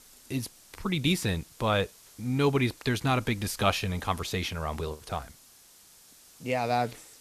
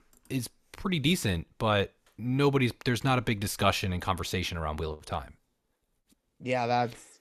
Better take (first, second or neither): second